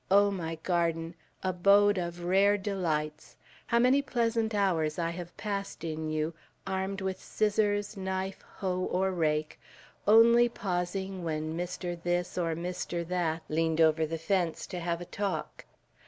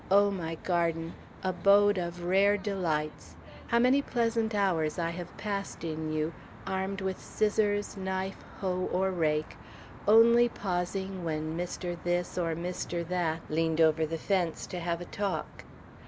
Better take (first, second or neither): first